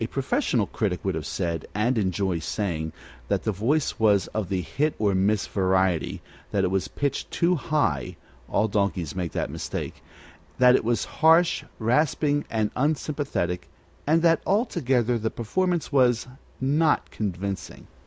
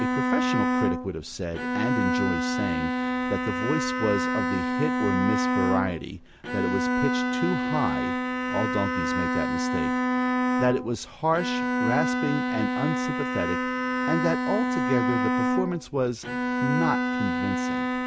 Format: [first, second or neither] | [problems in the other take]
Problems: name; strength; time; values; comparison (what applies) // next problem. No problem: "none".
first | background sound (Bowed string instrument); 4 dB above the speech